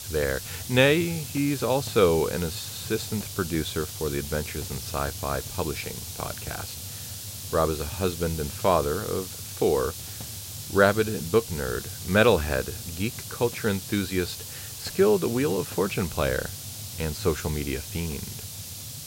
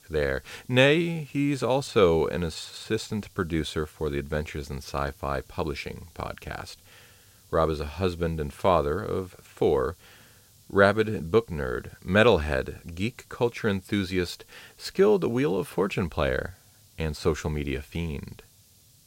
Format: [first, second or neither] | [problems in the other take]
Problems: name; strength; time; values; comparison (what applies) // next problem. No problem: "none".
second | hiss; loud; throughout; 8 dB below the speech; faint in the second